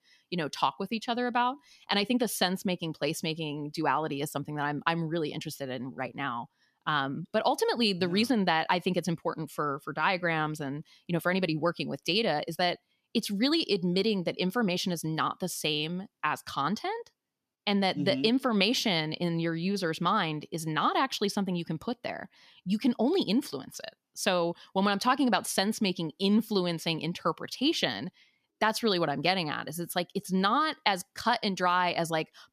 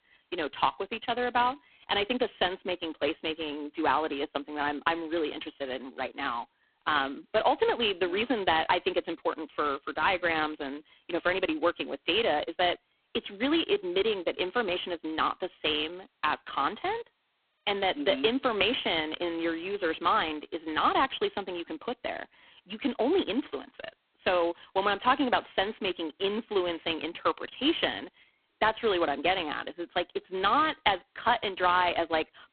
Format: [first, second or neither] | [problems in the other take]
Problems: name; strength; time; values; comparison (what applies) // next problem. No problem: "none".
first | phone-call audio; poor line